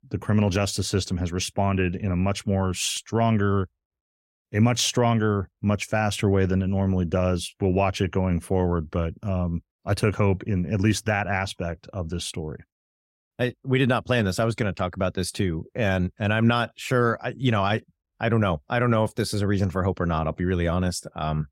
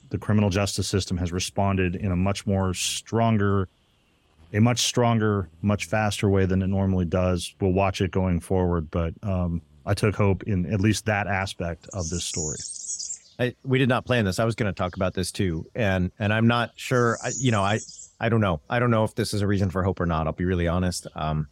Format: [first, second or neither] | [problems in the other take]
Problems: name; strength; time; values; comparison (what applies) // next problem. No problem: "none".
first | animal sounds; loud; throughout; 10 dB below the speech